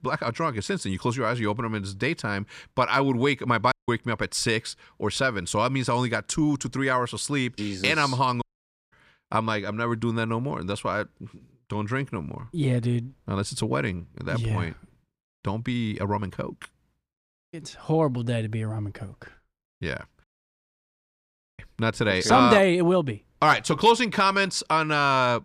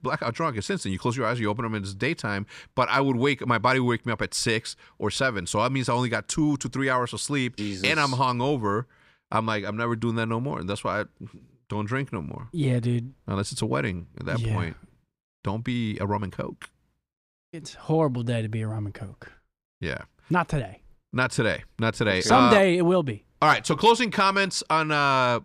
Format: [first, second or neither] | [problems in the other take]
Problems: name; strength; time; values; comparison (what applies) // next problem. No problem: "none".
second | audio cutting out; at 3.5 s, at 8.5 s for 0.5 s and at 20 s for 1.5 s